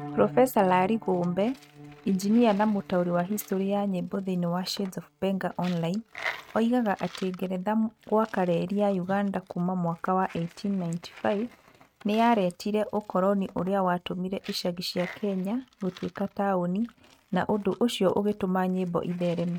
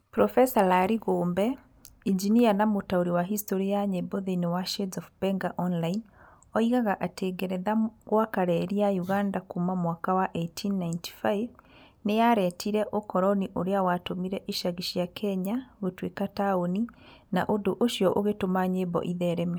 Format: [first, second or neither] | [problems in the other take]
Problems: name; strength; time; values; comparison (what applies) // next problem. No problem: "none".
second | noise reduction (neural mask model RNNoise)